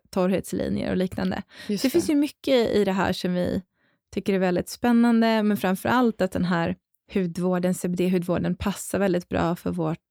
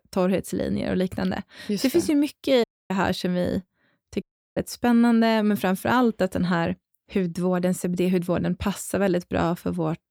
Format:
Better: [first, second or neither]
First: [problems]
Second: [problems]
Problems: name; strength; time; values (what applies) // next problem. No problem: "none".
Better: first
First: none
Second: audio cutting out; at 2.5 s and at 4 s